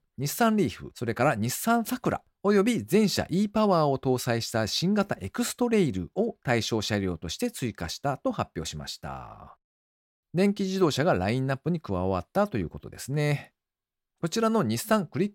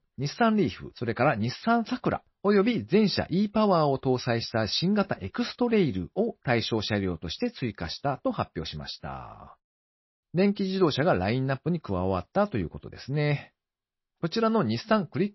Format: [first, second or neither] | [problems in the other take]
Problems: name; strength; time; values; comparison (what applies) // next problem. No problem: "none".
first | garbled, watery; slightly; nothing above 5.5 kHz